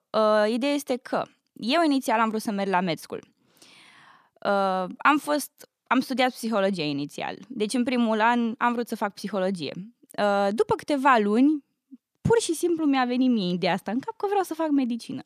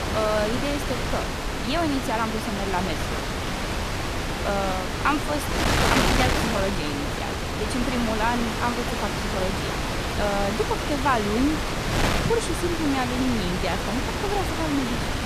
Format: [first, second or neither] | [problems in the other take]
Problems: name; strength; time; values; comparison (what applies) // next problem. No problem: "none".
first | wind noise on the microphone; heavy; 1 dB above the speech